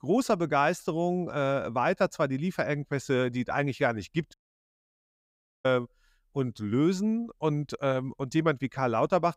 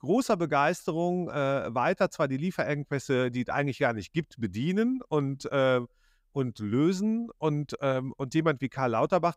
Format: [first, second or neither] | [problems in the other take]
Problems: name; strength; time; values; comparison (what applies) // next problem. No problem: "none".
second | audio cutting out; at 4.5 s for 1.5 s